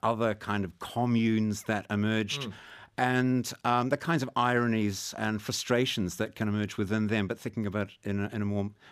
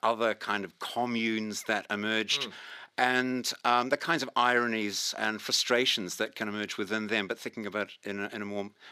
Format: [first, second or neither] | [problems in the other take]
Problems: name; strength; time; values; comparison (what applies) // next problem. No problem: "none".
first | thin; somewhat; fading below 300 Hz